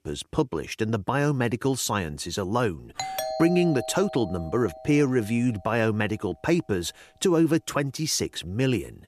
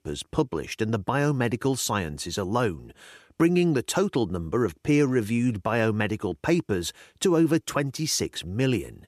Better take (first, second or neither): second